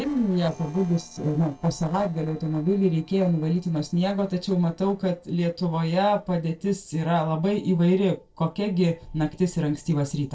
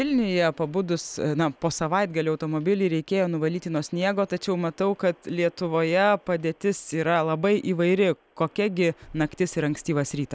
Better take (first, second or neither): second